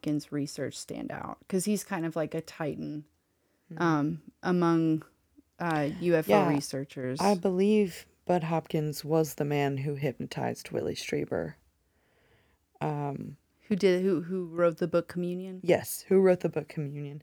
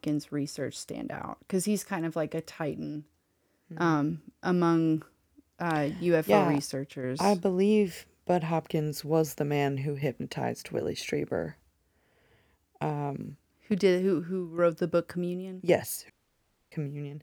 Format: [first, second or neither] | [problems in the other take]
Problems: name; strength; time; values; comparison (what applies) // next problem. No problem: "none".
first | audio cutting out; at 16 s for 0.5 s